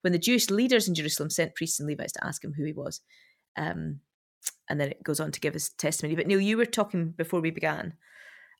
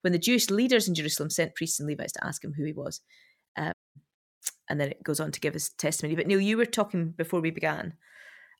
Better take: first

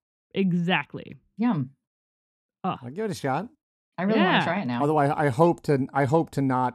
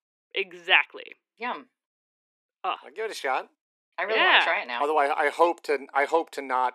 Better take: first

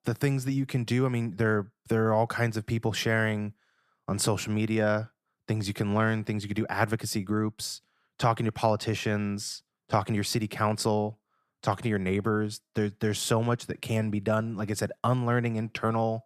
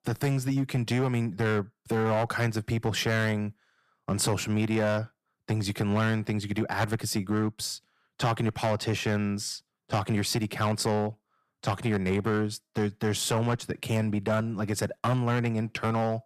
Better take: first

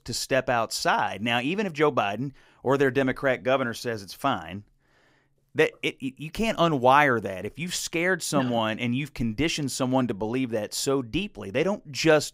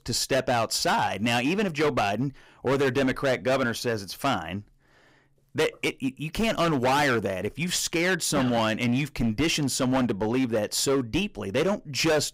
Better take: first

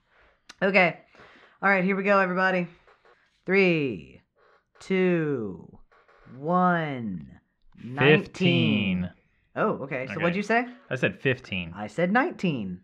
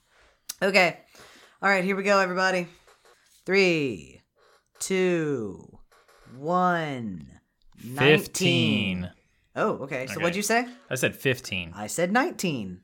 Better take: second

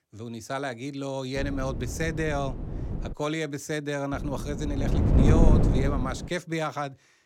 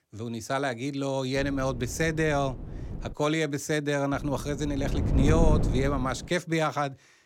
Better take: second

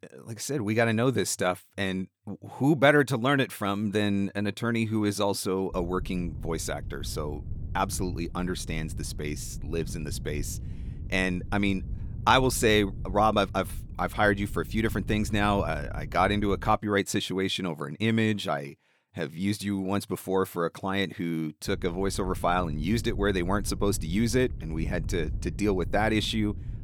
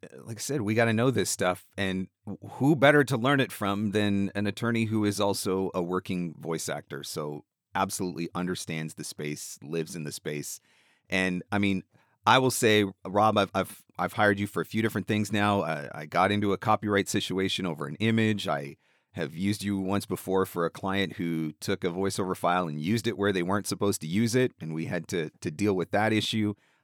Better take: second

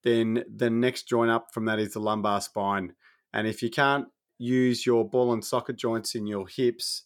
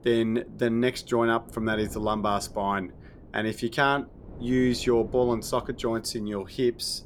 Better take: first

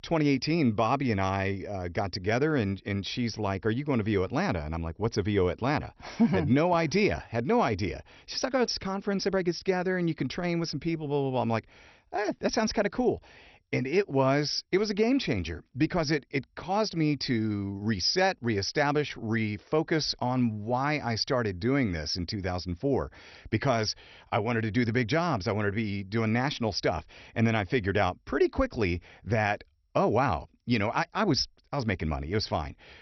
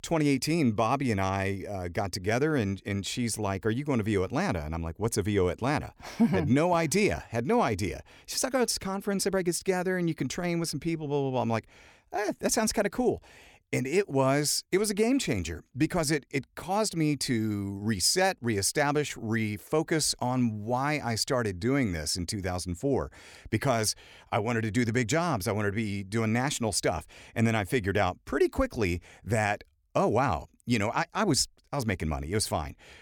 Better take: second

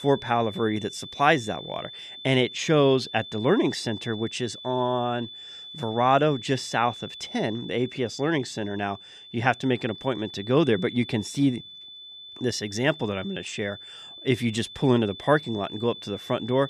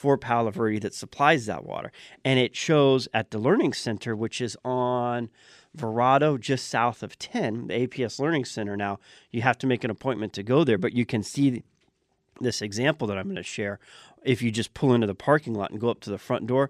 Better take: second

